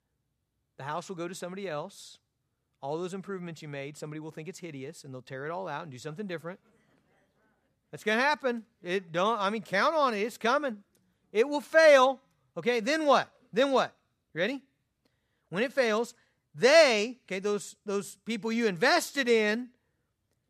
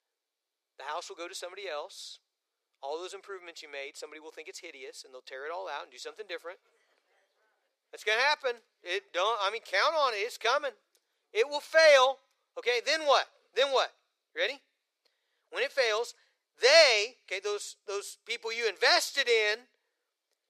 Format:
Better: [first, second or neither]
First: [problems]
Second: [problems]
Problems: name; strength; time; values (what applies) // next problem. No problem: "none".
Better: first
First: none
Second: thin; very; fading below 400 Hz